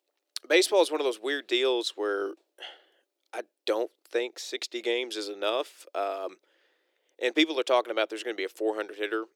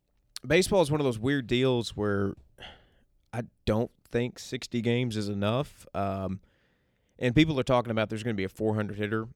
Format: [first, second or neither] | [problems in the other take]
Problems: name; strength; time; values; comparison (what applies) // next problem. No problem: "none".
second | thin; very; fading below 350 Hz